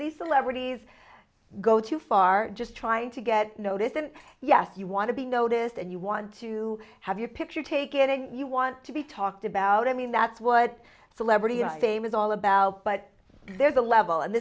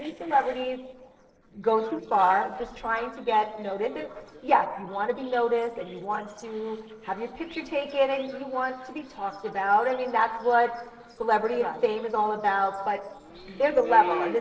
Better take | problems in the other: first | noise reduction (neural separator model SepFormer DNS4)

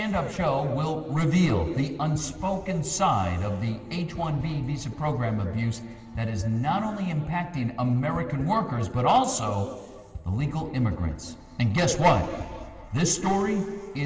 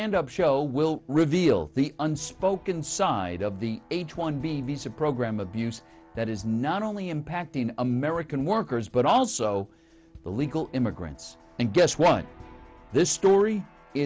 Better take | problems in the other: second | room echo; dies away in 2 s

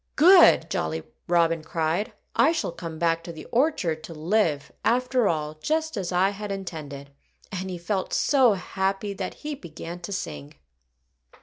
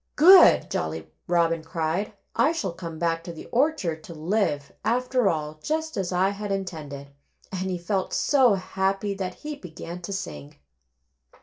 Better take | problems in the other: first | room echo; dies away in 0.2 s

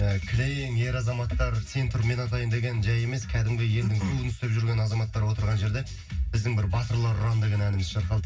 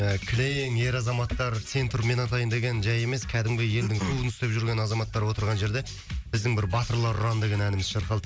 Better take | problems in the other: second | room echo; dies away in 0.4 s

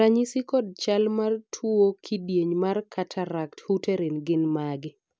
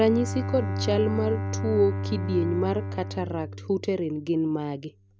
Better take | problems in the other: first | background sound (Bowed string instrument); 5 dB below the speech

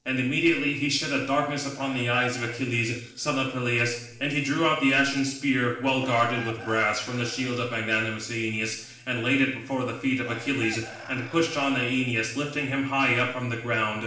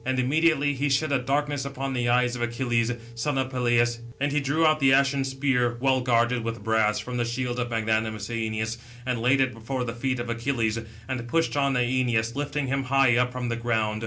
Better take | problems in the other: second | noise reduction (neural separator model SepFormer DNS4)

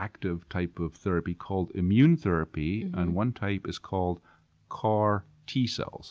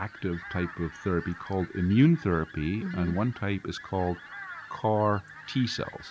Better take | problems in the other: first | background sound (Crow + Fowl); 17 dB below the speech

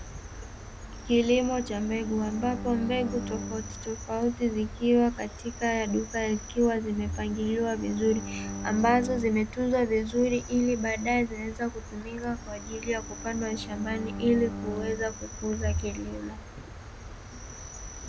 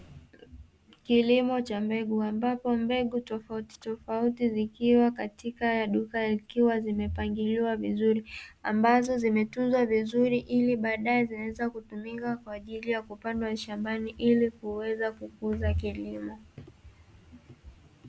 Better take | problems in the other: second | background sound (Bowed string instrument + Cricket); 10 dB below the speech

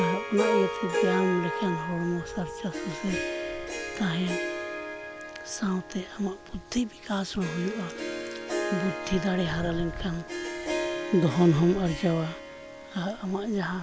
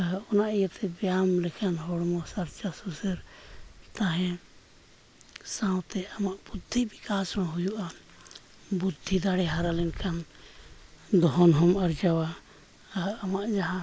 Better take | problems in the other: second | background sound (Harp); 4 dB below the speech

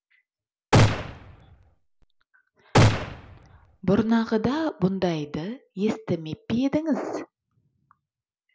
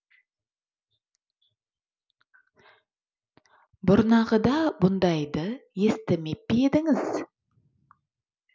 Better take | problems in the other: second | background sound (Gunshot, gunfire); 5 dB above the speech

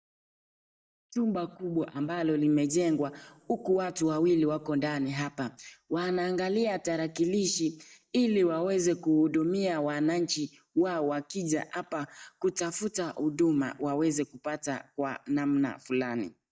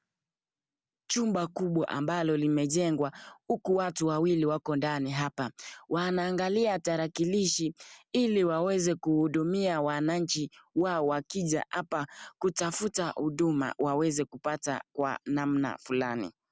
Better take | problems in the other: second | noise reduction (neural mask model DeepFilterNet 3)

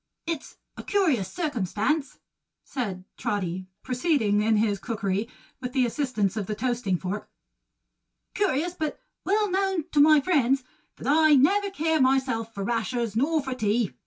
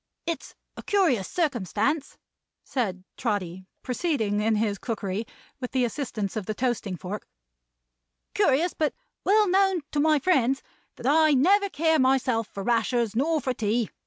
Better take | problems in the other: second | room echo; dies away in 0.1 s

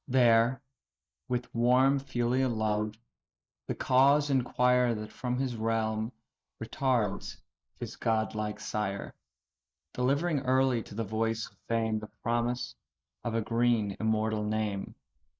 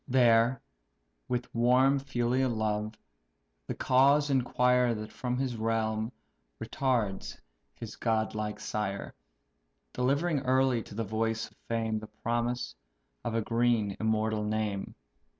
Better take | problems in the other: second | noise reduction (neural mask model Resemble Enhance denoiser)

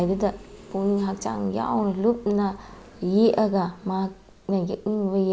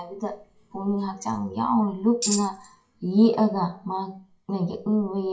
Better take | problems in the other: first | noise reduction (classical method WPE with log-MMSE)

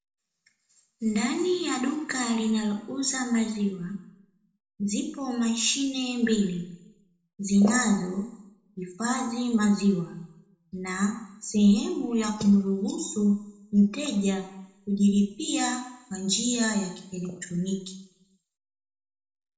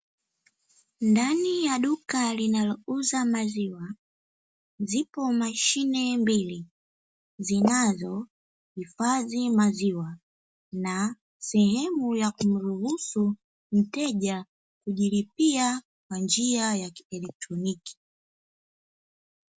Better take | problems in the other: second | room echo; dies away in 0.7 s

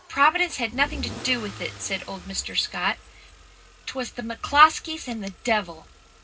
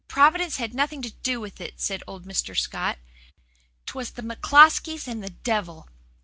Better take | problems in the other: second | background sound (Engine starting / Accelerating, revving, vroom / Car); 17 dB below the speech // room echo; dies away in 0.2 s

